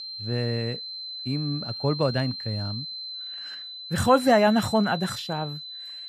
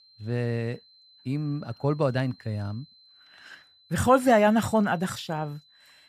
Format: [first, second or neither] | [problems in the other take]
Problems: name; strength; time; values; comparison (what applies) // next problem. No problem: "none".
second | high-pitched whine; loud; throughout; 4 kHz, 9 dB below the speech; faint in the second